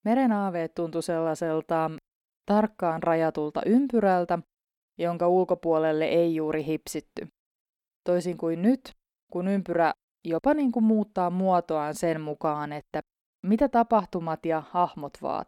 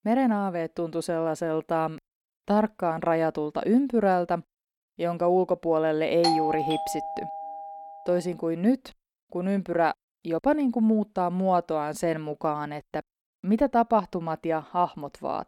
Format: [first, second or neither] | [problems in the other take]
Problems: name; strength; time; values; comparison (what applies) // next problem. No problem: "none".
first | doorbell; loud; from 6 to 8 s; peak 1 dB above the speech